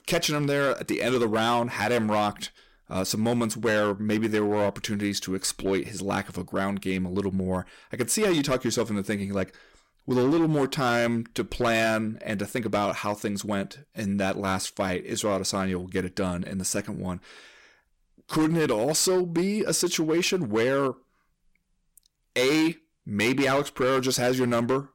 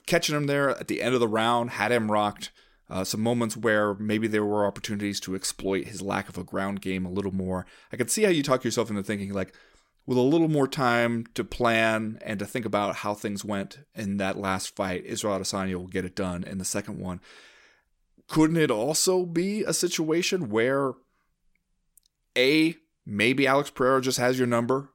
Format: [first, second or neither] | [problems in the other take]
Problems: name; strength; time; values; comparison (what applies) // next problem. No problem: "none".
second | distortion; slight; 8% of the sound clipped